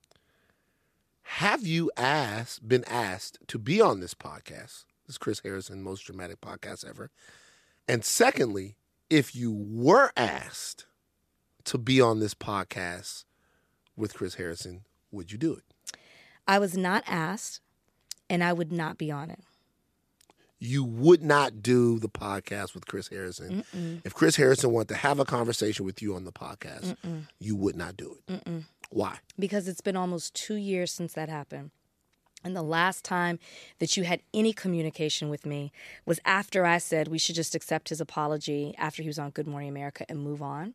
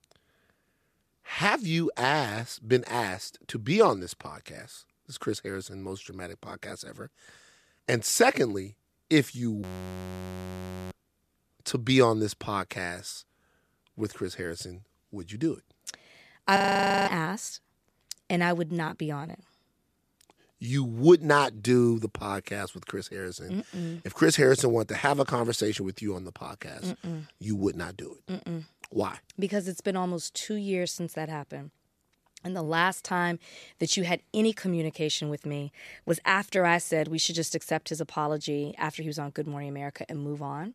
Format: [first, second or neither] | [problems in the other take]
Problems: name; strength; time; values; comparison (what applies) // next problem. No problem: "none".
first | audio freezing; at 9.5 s for 1.5 s and at 17 s for 0.5 s